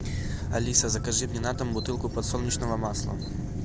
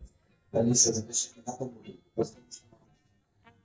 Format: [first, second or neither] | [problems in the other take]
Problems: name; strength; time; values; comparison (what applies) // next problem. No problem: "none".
first | noise reduction (neural mask model DeepFilterNet 3)